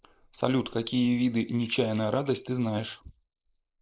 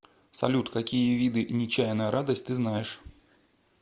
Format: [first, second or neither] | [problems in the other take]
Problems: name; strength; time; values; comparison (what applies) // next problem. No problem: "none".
second | noise reduction (neural mask model Resemble Enhance denoiser)